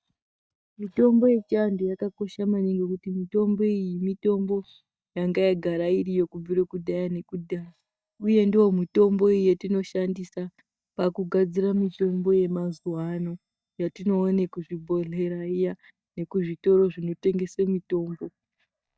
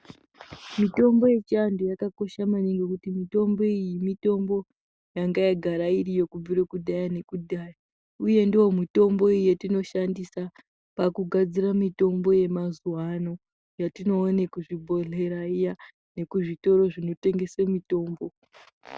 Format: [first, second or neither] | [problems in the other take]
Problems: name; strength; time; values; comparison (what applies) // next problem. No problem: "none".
second | noise reduction (neural mask model DeepFilterNet 3)